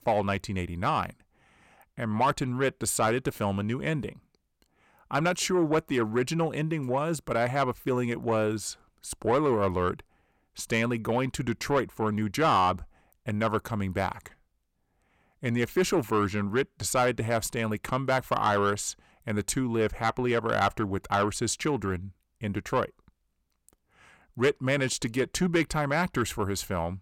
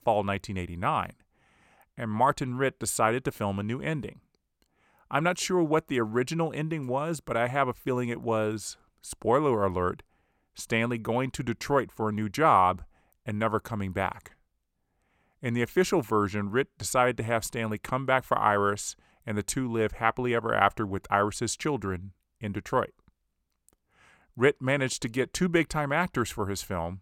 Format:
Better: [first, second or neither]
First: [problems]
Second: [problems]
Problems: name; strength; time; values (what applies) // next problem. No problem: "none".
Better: second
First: distortion; slight; 10 dB below the speech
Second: none